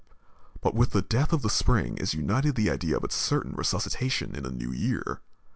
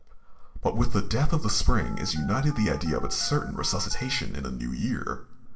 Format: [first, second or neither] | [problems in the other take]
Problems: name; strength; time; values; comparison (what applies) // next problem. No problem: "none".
first | background sound (Telephone); 18 dB below the speech // room echo; dies away in 0.5 s